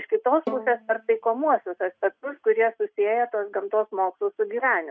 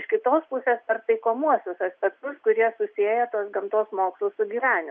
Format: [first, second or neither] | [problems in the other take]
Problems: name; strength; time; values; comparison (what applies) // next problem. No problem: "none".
second | noise reduction (neural mask model RNNoise)